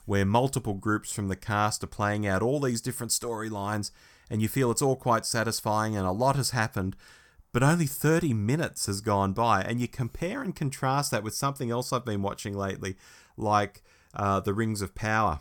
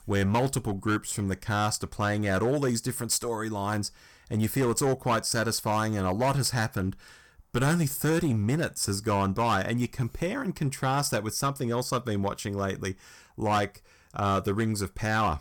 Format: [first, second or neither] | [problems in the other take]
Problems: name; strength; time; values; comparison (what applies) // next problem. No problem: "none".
first | distortion; slight; 7% of the sound clipped